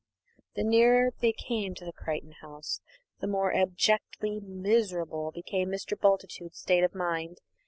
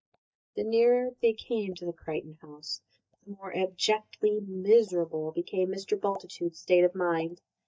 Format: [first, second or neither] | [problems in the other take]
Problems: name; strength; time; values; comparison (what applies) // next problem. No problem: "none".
first | noise reduction (neural mask model DeepFilterNet 3)